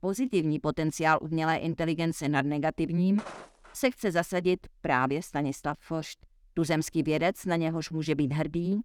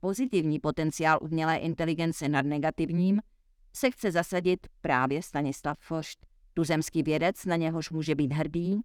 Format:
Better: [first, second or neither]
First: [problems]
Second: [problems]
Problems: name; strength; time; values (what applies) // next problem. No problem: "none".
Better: second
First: footsteps; faint; at 3 s; peak 15 dB below the speech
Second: none